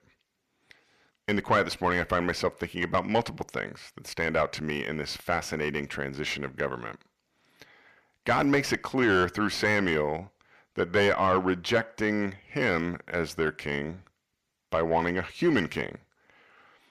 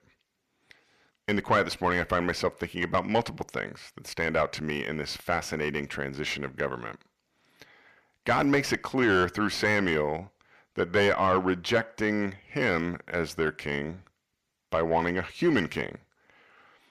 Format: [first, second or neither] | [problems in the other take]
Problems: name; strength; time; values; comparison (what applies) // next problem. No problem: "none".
neither | distortion; heavy; 7 dB below the speech; the same in both